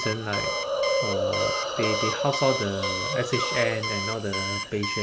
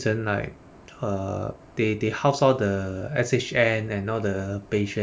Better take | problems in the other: second | background sound (Alarm + Hiss); 1 dB above the speech

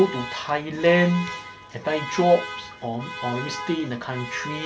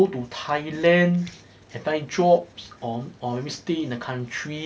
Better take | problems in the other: second | background sound (Alarm); 10 dB below the speech

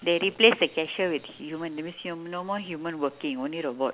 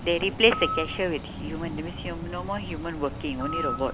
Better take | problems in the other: first | background sound (Bird); 6 dB below the speech

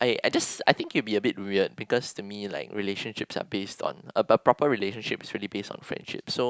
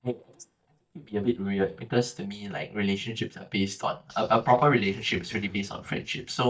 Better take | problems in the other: first | noise reduction (neural mask model DeepFilterNet 3)

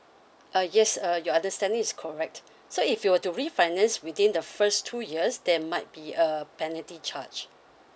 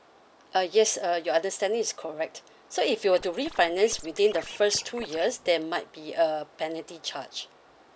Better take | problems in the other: first | background sound (Scratching (performance technique)); 17 dB below the speech

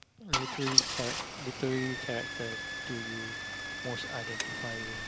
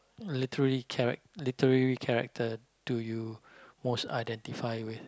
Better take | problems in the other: second | background sound (Engine starting / Car); 3 dB above the speech

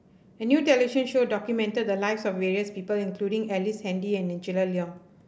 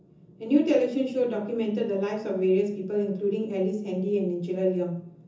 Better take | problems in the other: first | room echo; dies away in 0.6 s

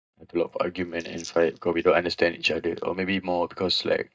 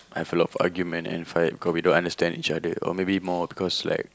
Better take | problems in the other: second | noise reduction (neural mask model DeepFilterNet 3)

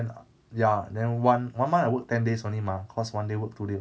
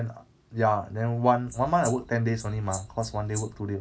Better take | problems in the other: first | background sound (Wild animals); 13 dB below the speech

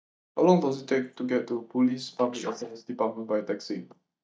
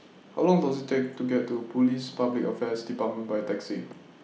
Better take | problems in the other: second | noise reduction (neural mask model DeepFilterNet 3)

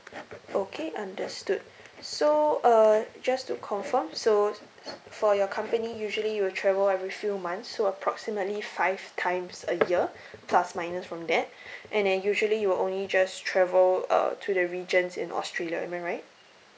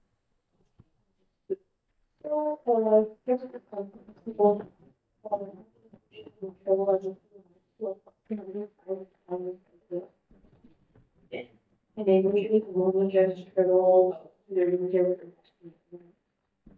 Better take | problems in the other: first | noise reduction (neural mask model DeepFilterNet 3)

